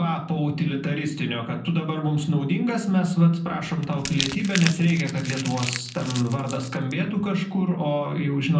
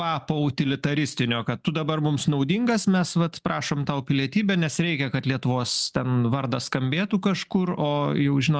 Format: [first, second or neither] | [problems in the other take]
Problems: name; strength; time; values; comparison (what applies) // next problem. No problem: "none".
second | background sound (Crumpling, crinkling); 10 dB below the speech // room echo; dies away in 0.6 s